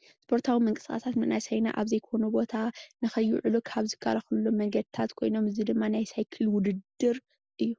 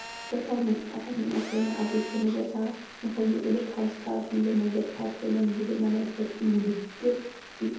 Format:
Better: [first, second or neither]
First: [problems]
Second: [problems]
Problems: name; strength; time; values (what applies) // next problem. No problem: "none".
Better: first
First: none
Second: background sound (Telephone); 16 dB below the speech // room echo; dies away in 0.7 s